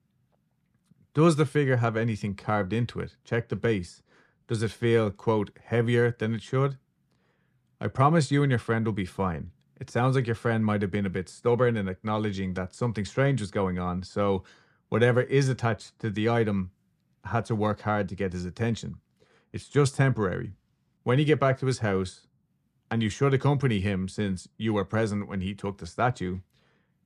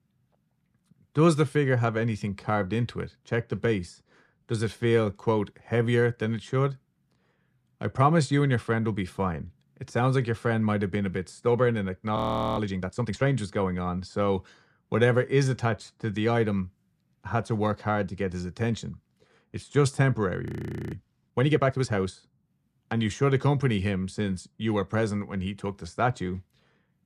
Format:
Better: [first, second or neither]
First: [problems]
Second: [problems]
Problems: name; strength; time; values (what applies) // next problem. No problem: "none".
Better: first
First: none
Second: audio freezing; at 12 s and at 20 s